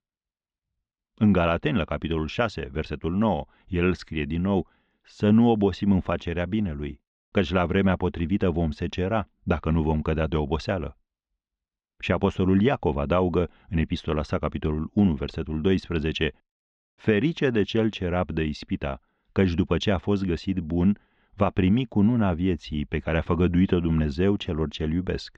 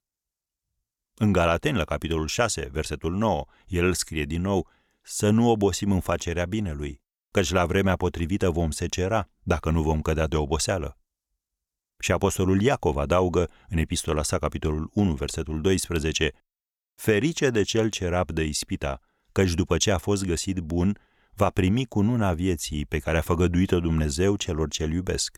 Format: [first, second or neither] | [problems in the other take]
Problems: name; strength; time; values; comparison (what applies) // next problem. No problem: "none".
second | muffled; slightly; fading above 4 kHz